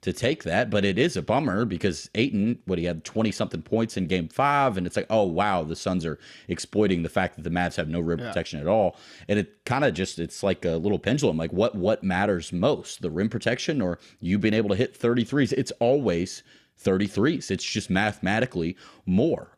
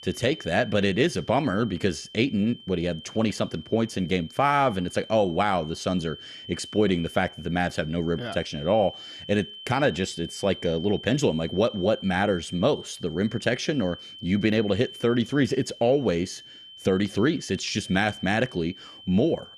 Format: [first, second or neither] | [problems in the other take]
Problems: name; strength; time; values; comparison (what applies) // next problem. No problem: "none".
first | high-pitched whine; noticeable; throughout; 3 kHz, 15 dB below the speech